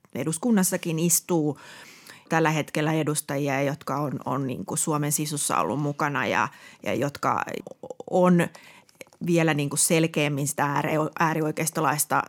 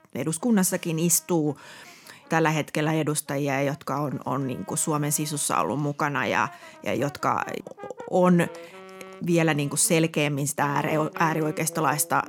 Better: first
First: none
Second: background music; faint; throughout; 20 dB below the speech

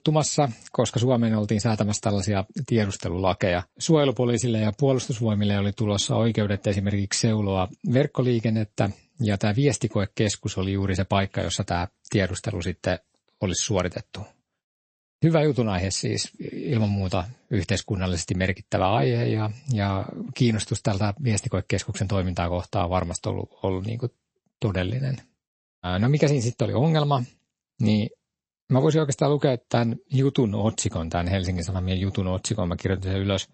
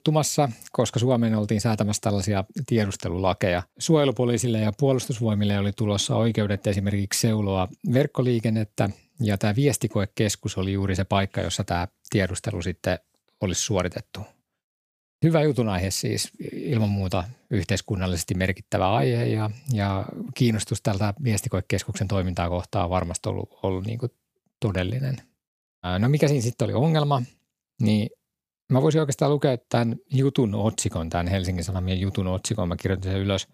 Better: second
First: garbled, watery; slightly; nothing above 8 kHz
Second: none

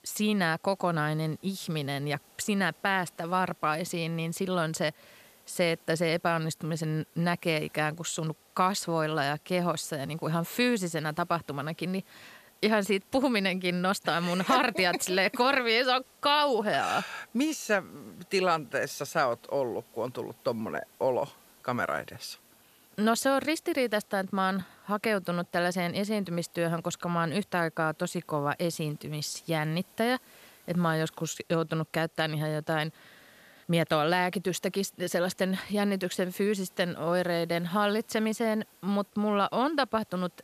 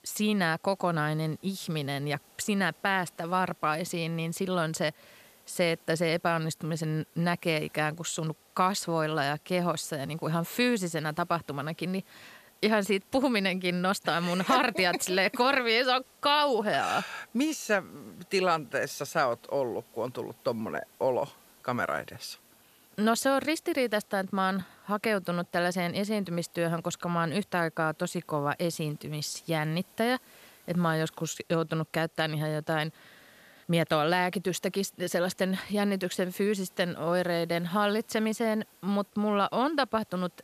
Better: neither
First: hiss; faint; throughout; 30 dB below the speech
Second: hiss; faint; throughout; 30 dB below the speech

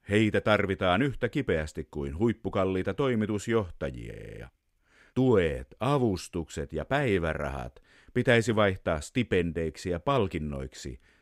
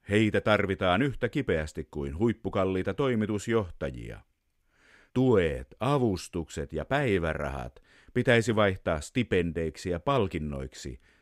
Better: second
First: audio freezing; at 4 s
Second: none

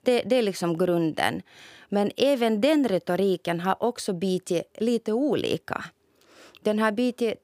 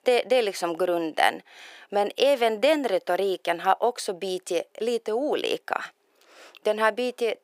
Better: first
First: none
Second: thin; somewhat; fading below 500 Hz

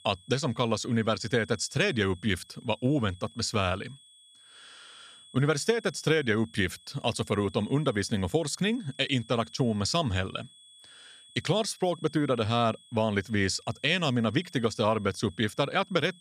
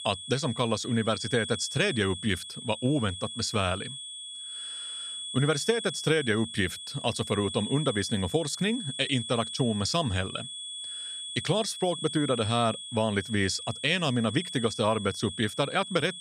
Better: first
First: high-pitched whine; faint; throughout; 3.5 kHz, 25 dB below the speech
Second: high-pitched whine; loud; throughout; 3.5 kHz, 8 dB below the speech

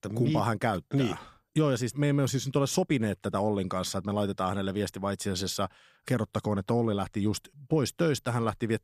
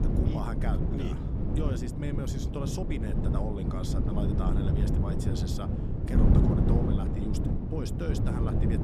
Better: first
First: none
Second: wind noise on the microphone; heavy; 2 dB above the speech

